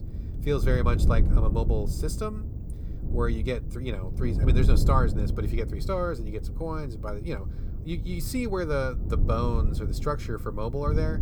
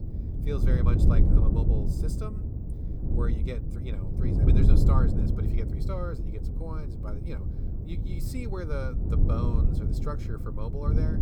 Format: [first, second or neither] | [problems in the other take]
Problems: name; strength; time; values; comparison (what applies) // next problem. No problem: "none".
first | wind noise on the microphone; heavy; as loud as the speech; occasional gusts in the first